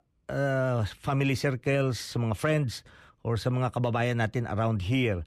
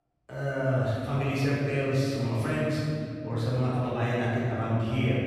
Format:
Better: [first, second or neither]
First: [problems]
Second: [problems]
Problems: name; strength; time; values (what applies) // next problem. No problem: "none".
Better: first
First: none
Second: room echo; strong; dies away in 2.5 s // off-mic speech; far